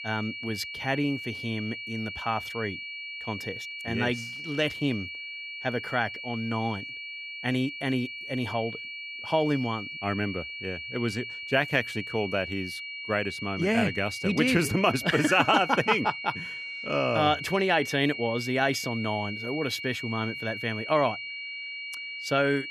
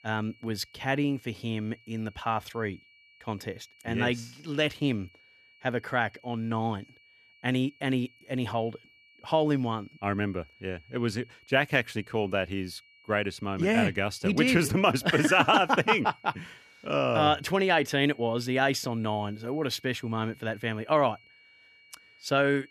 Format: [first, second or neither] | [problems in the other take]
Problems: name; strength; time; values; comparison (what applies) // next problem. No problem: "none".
second | high-pitched whine; loud; throughout; 2.5 kHz, 7 dB below the speech; faint in the second